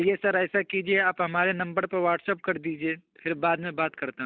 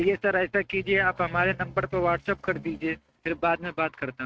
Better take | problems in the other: first | noise reduction (neural mask model RNNoise)

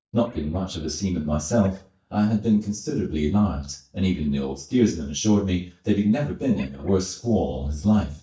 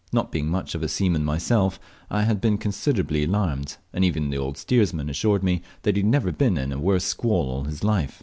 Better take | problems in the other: second | noise reduction (neural mask model DeepFilterNet 3)

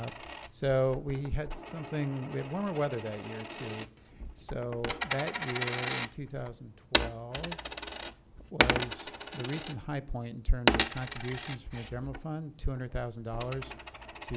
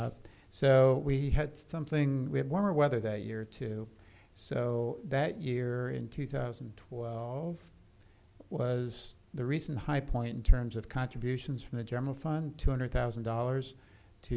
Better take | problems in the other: second | background sound (Coin (dropping)); 1 dB below the speech

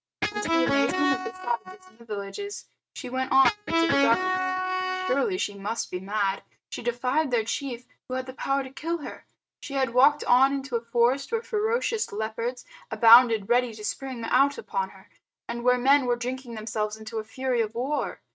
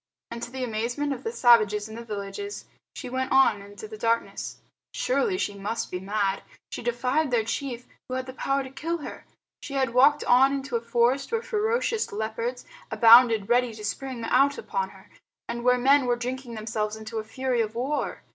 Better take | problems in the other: second | noise reduction (neural mask model RNNoise)

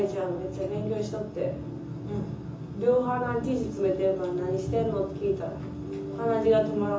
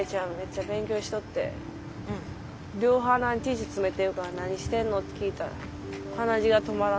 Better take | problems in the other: second | room echo; dies away in 0.6 s

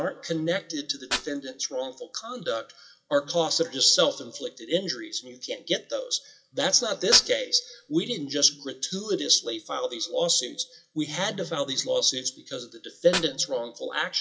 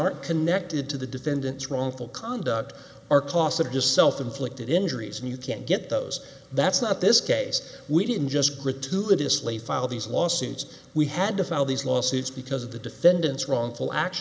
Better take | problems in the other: second | noise reduction (classical method WPE with log-MMSE)

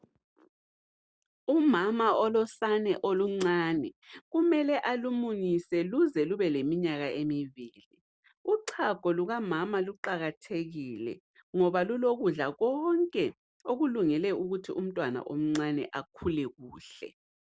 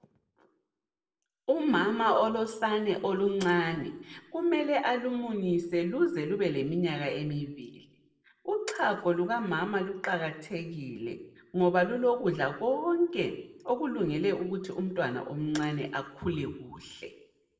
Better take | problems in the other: first | room echo; dies away in 0.6 s

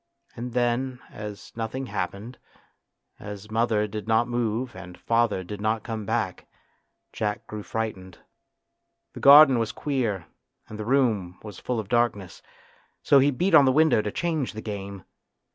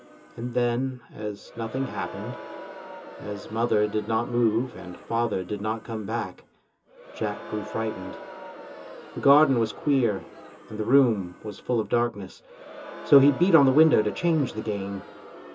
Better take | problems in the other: first | background sound (Crowd); 16 dB below the speech // room echo; dies away in 0.2 s

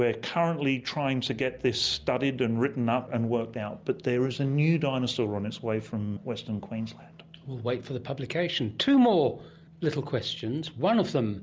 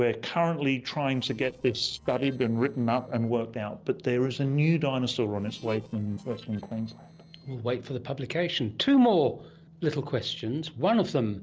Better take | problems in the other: first | noise reduction (neural separator model SepFormer DNS4)

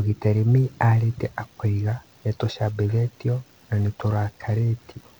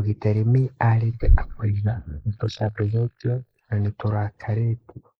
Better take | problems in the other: first | noise reduction (neural mask model Resemble Enhance denoiser)

